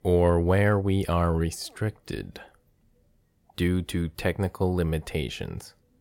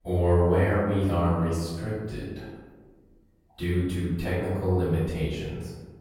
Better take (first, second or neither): first